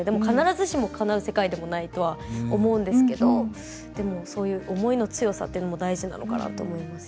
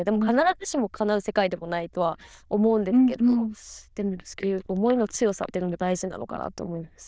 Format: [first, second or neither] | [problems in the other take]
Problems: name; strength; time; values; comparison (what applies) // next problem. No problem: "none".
first | noise reduction (neural diffusion model UNIVERSE++)